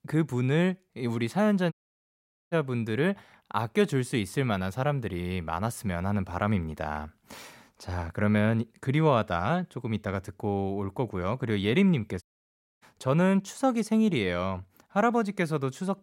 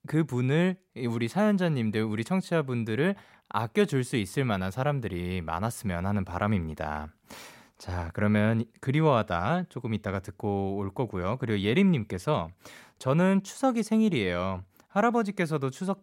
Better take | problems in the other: second | audio cutting out; at 1.5 s for 1 s and at 12 s for 0.5 s

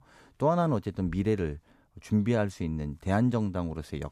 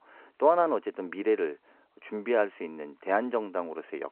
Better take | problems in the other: first | phone-call audio

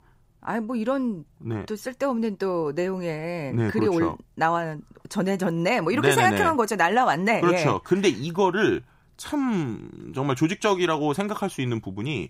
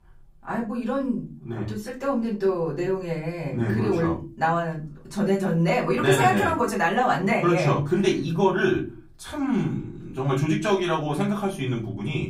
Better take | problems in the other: first | off-mic speech; far // room echo; very slight; dies away in 0.4 s

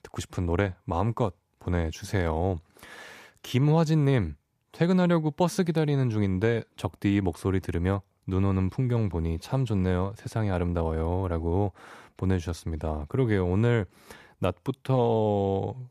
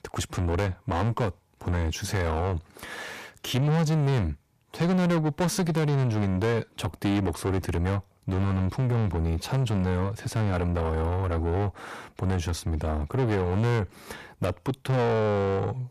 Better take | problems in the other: first | distortion; heavy; 7 dB below the speech

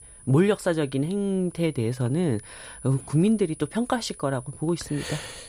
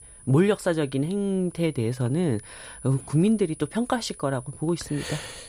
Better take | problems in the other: neither | high-pitched whine; noticeable; throughout; 10 kHz, 20 dB below the speech; the same in both

